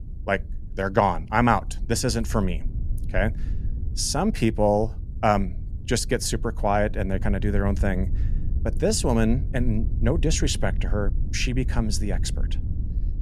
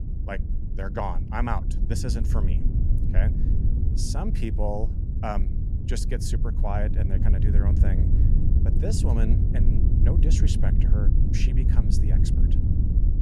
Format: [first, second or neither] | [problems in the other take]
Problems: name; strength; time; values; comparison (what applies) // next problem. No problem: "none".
first | low rumble; loud; throughout; 4 dB below the speech; faint in the first